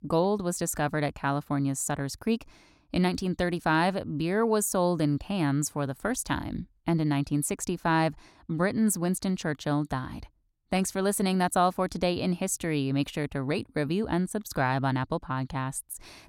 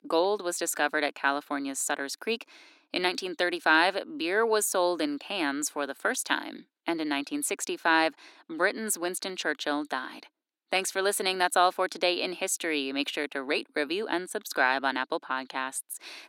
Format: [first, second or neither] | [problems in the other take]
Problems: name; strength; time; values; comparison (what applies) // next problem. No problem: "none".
first | thin; somewhat; fading below 300 Hz